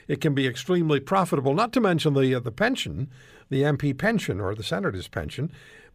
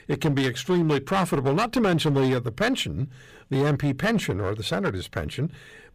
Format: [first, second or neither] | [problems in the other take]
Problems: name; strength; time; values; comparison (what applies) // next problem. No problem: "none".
first | distortion; slight; 10% of the sound clipped